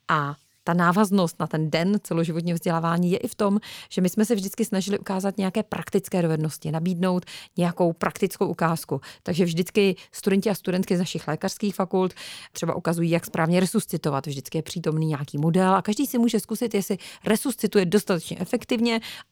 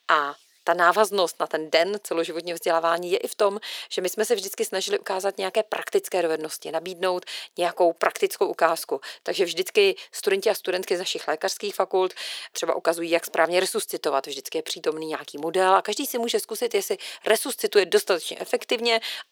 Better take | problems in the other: first | thin; very; fading below 400 Hz

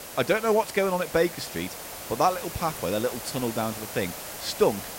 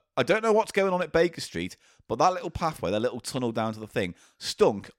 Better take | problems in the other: second | hiss; loud; throughout; 9 dB below the speech

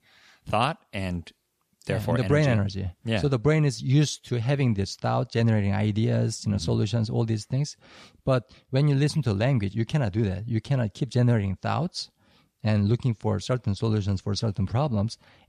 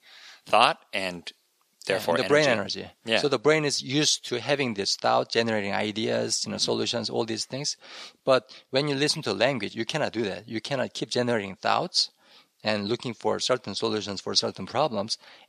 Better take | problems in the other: first | thin; somewhat; fading below 400 Hz

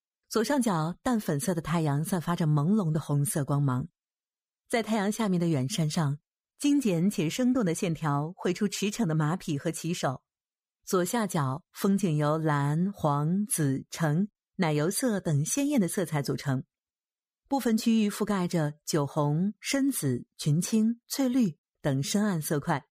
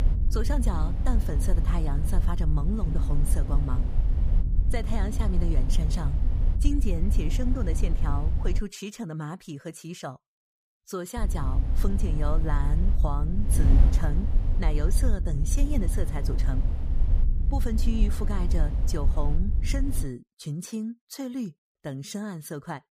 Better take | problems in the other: first | wind noise on the microphone; heavy; until 8.5 s and from 11 to 20 s; 6 dB below the speech

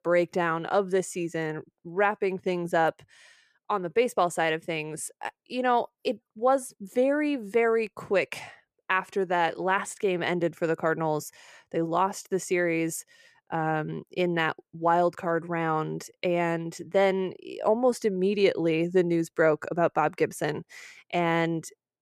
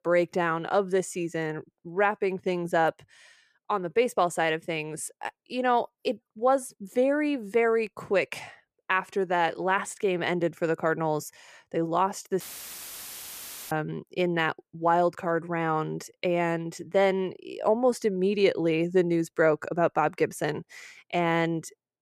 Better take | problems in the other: first | audio cutting out; filled with static; at 12 s for 1.5 s

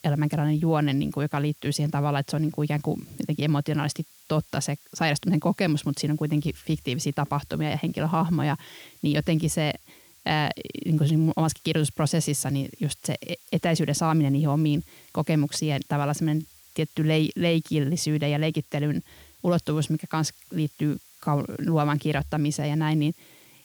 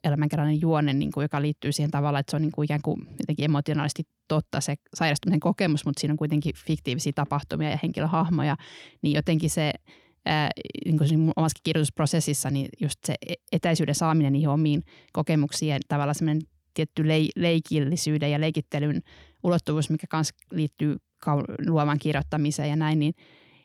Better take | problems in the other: second | hiss; faint; throughout; 25 dB below the speech

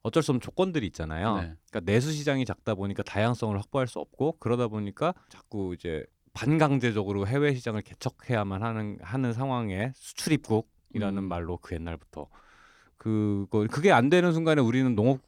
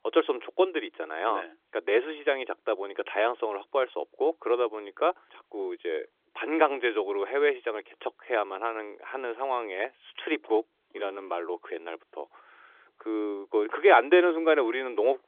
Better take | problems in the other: first | phone-call audio; nothing above 3.5 kHz

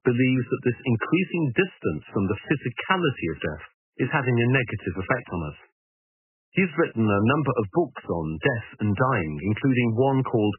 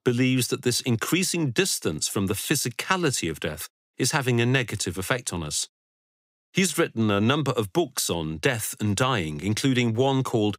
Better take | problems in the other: second | garbled, watery; badly; nothing above 3 kHz

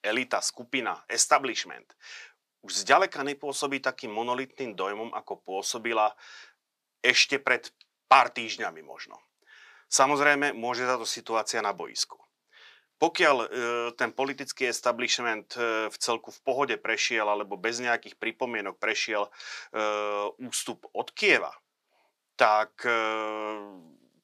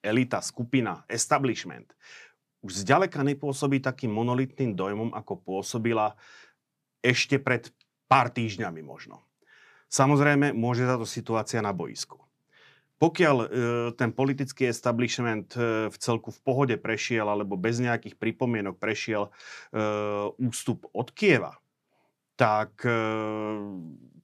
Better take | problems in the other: second | thin; somewhat; fading below 550 Hz

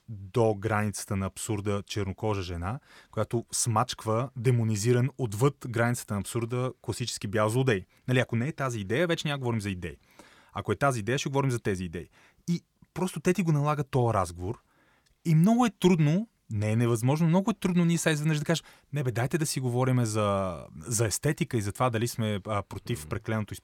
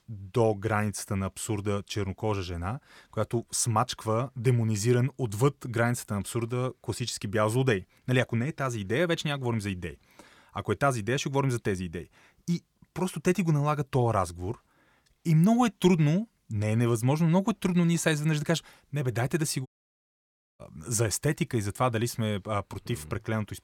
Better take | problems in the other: first | audio cutting out; at 20 s for 1 s

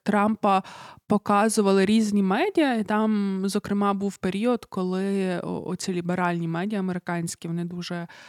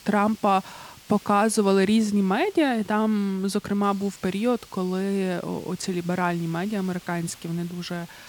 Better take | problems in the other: first | hiss; faint; throughout; 20 dB below the speech

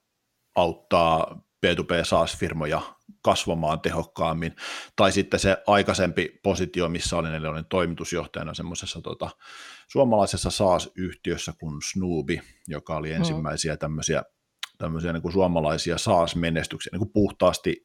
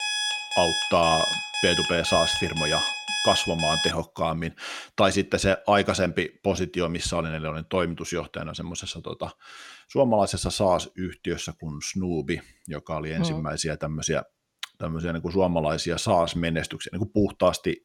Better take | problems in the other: first | alarm; loud; until 4 s; peak 2 dB above the speech

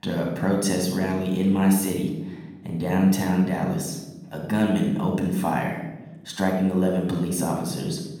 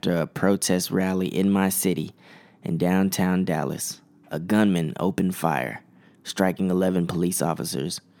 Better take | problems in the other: second | room echo; noticeable; dies away in 1 s // off-mic speech; somewhat distant

